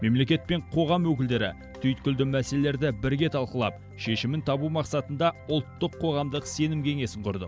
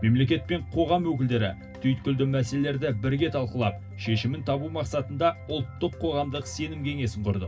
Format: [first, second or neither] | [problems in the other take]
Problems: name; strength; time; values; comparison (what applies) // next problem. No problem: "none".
first | room echo; dies away in 0.4 s